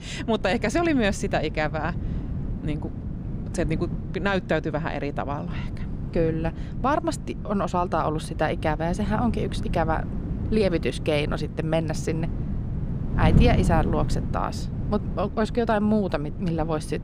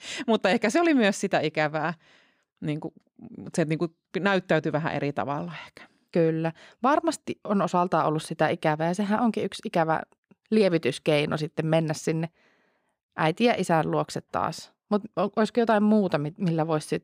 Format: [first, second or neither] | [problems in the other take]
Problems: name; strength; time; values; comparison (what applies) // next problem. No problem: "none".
second | wind noise on the microphone; occasional gusts; 15 dB below the speech